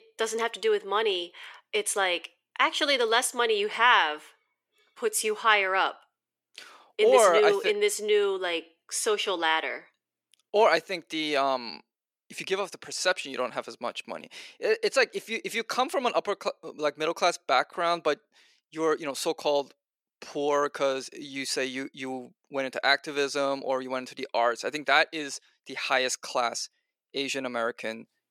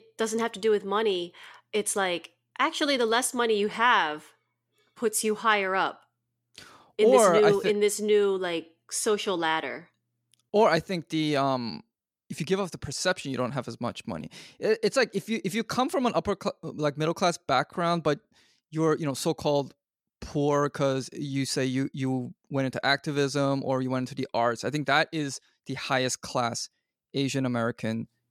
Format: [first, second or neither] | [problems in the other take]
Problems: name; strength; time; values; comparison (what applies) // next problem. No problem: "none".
second | thin; somewhat; fading below 450 Hz